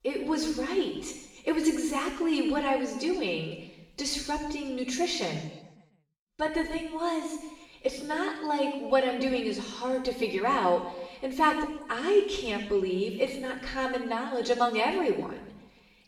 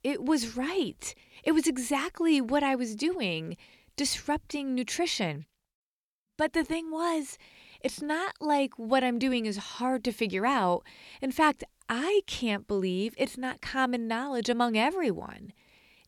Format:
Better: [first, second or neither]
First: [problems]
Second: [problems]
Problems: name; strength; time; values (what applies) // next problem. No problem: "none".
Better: second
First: room echo; noticeable; dies away in 0.9 s // off-mic speech; far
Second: none